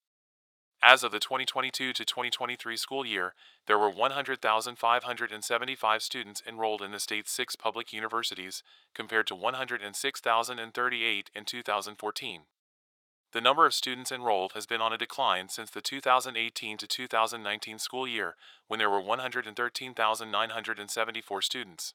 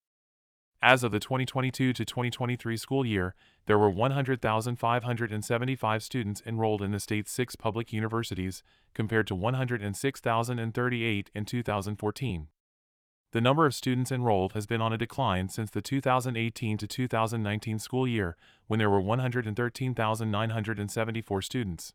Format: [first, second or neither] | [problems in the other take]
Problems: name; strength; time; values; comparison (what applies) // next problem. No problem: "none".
second | thin; very; fading below 600 Hz